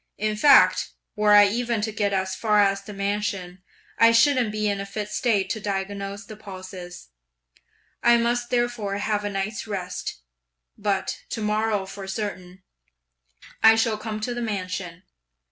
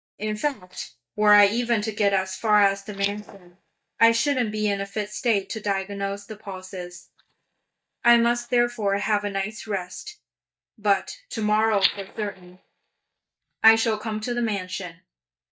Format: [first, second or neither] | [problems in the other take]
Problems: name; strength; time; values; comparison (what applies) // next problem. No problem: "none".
first | noise reduction (neural mask model DeepFilterNet 3)